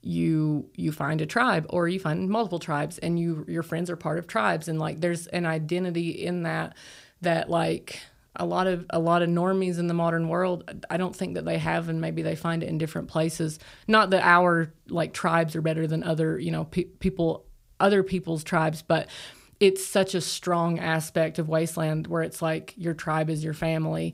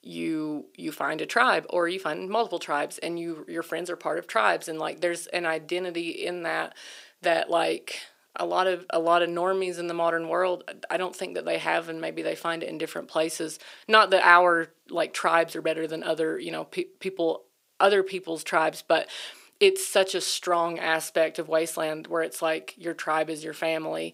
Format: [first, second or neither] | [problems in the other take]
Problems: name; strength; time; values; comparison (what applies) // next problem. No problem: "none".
first | thin; very; fading below 350 Hz